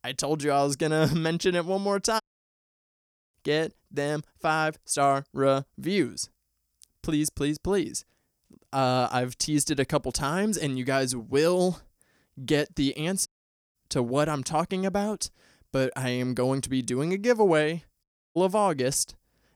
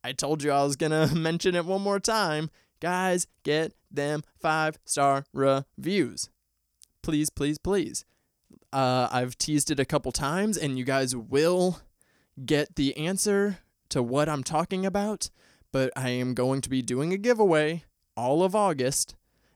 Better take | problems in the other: second | audio cutting out; at 2 s for 1 s, at 13 s and at 18 s

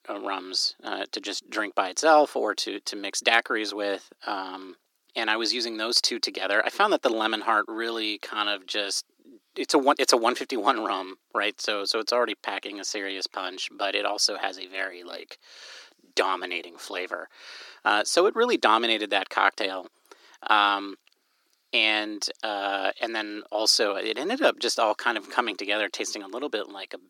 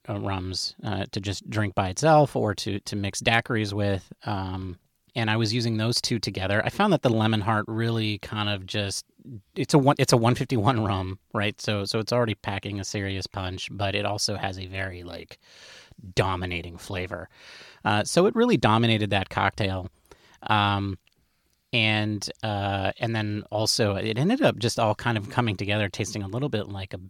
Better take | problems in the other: second | thin; very; fading below 300 Hz

